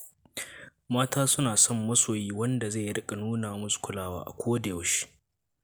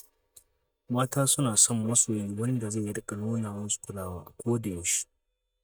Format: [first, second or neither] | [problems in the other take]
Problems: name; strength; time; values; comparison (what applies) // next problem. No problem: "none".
first | noise reduction (neural mask model DeepFilterNet 3)